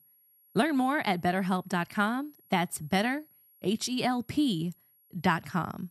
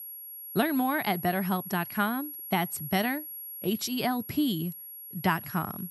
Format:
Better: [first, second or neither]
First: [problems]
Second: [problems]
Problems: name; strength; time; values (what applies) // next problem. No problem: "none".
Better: first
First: high-pitched whine; faint; throughout; 11.5 kHz, 30 dB below the speech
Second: high-pitched whine; loud; throughout; 11.5 kHz, 9 dB below the speech